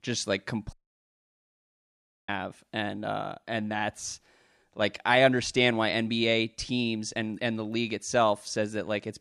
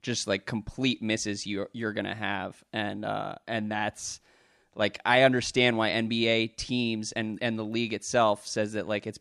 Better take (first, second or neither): second